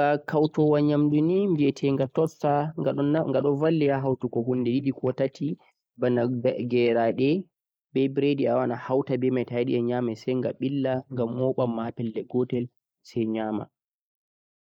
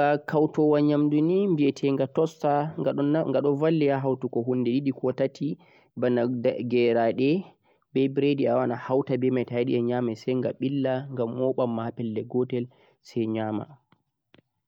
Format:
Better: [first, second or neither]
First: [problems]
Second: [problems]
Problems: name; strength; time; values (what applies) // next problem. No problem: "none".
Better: second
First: noise reduction (neural mask model Resemble Enhance denoiser)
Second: none